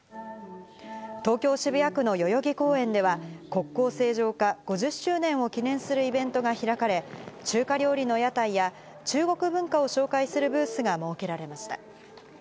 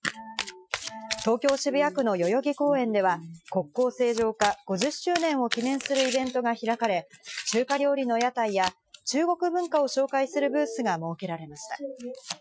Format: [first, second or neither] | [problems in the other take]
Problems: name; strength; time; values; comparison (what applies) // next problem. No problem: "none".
first | noise reduction (classical method Wiener filter)